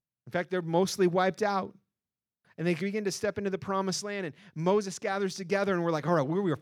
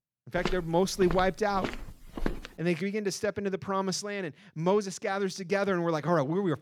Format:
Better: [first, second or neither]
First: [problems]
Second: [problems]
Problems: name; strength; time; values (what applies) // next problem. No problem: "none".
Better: first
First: none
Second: footsteps; noticeable; until 2.5 s; peak 6 dB below the speech